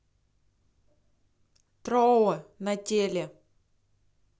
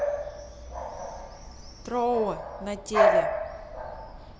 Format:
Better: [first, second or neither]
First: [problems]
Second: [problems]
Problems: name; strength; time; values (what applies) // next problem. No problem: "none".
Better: first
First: none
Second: background sound (Bark / Bird vocalization, bird call, bird song); 4 dB above the speech